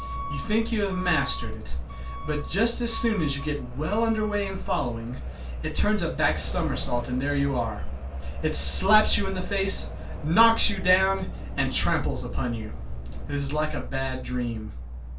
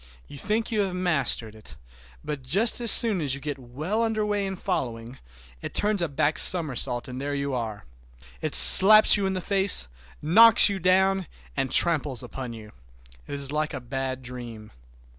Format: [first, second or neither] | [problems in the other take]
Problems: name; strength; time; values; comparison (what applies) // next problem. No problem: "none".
second | background sound (Alarm / Truck); 11 dB below the speech // room echo; dies away in 0.2 s